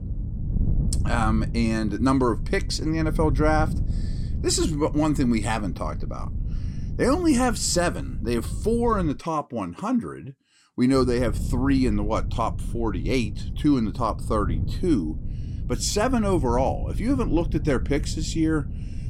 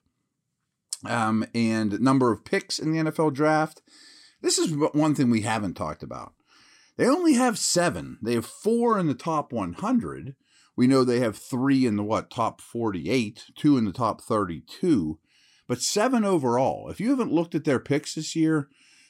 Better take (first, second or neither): second